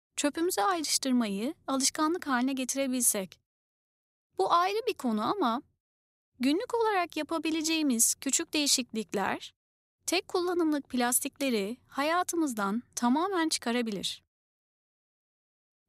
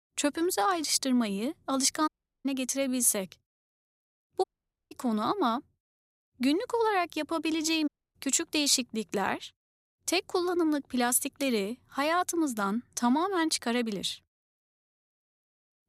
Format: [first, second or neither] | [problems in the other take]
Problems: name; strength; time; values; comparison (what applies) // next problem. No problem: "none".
first | audio cutting out; at 2 s, at 4.5 s and at 8 s